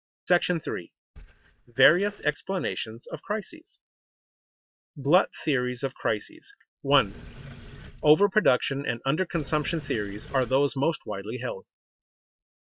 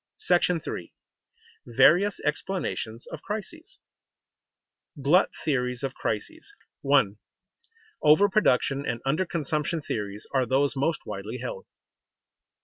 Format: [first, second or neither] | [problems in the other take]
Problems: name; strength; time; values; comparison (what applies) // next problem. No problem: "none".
second | noise reduction (neural mask model DeepFilterNet 3)